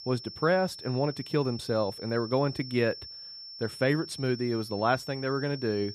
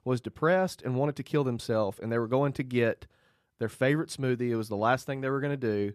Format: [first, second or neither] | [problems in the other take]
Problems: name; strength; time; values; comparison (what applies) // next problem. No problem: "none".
second | high-pitched whine; noticeable; throughout; 5.5 kHz, 10 dB below the speech